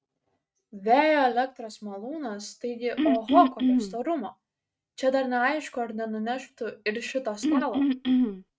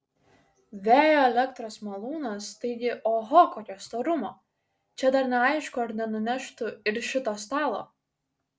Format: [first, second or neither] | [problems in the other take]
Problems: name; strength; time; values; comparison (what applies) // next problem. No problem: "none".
second | noise reduction (neural mask model RNNoise)